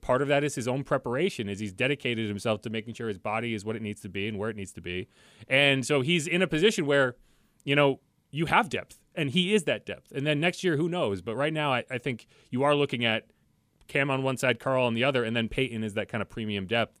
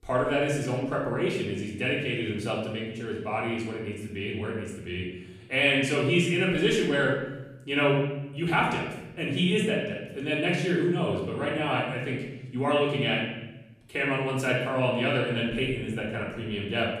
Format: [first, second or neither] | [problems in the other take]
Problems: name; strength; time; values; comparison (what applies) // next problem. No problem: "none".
first | room echo; noticeable; dies away in 1 s // off-mic speech; far